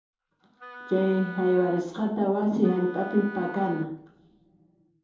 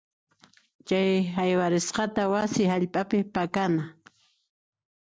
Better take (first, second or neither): second